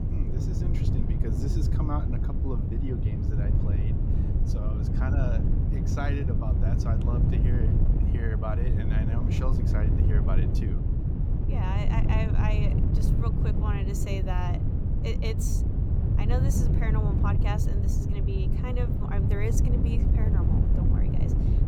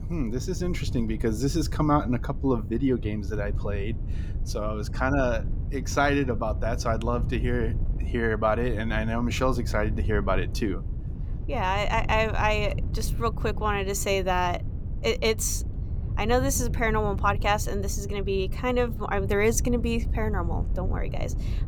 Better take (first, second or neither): second